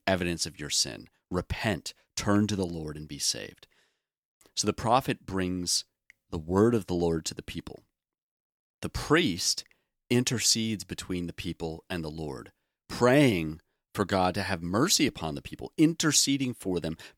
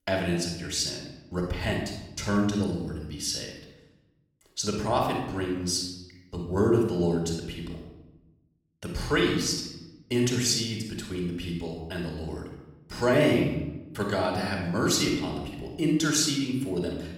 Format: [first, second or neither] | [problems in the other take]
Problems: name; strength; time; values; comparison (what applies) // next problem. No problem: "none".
first | off-mic speech; somewhat distant // room echo; noticeable; dies away in 0.9 s